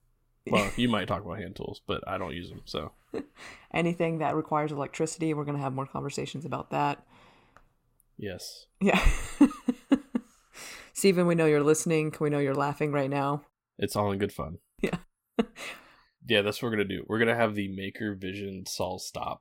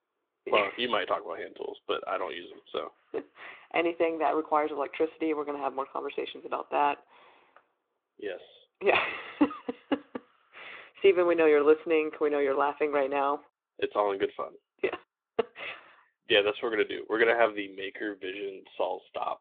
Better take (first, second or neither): first